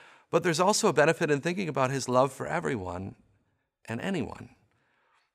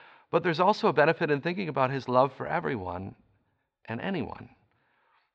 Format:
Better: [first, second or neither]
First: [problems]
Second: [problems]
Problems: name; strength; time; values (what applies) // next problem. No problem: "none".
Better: first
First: none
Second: muffled; slightly; fading above 4 kHz